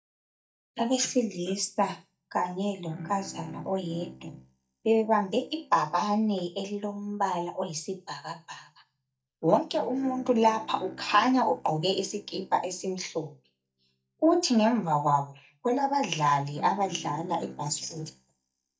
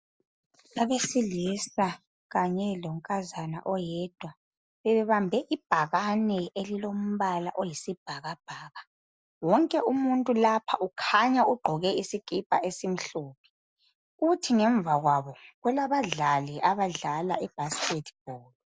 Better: second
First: noise reduction (neural mask model DeepFilterNet 3)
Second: none

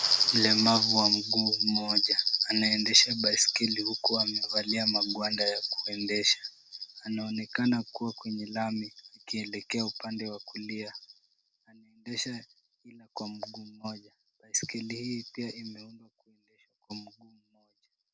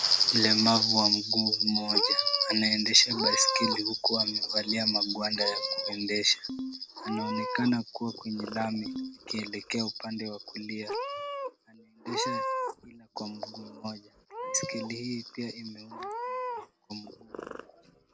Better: first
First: none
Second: background sound (Ringtone + Meow / Purr); 9 dB below the speech

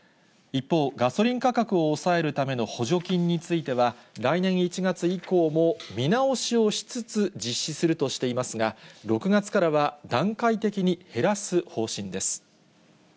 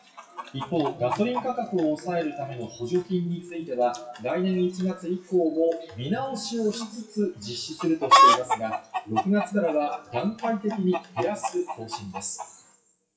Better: first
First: none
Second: noise reduction (classical method WPE with log-MMSE)

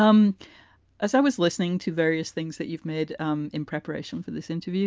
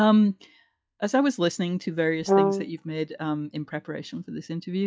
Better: first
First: none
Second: noise reduction (classical method log-MMSE)

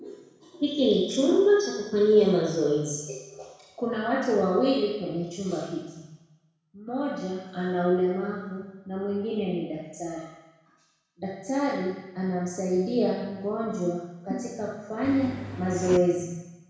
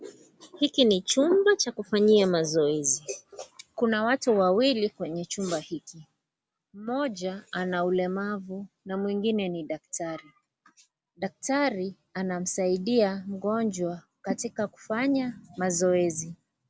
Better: second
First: background sound (Engine); 9 dB below the speech // room echo; dies away in 1.1 s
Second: none

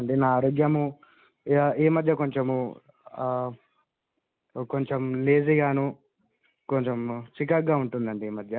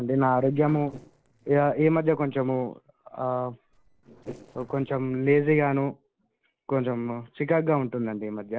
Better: first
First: none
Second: noise reduction (neural separator model SepFormer DNS4)

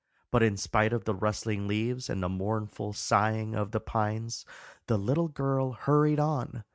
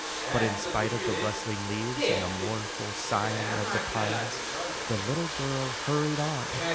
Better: first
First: none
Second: background sound (Domestic sounds, home sounds); as loud as the speech

